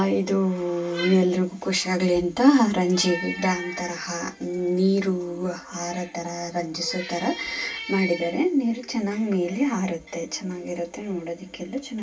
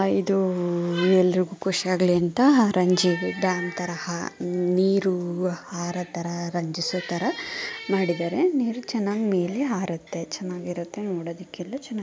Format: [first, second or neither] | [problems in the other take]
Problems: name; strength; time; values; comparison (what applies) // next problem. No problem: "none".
second | room echo; dies away in 0.1 s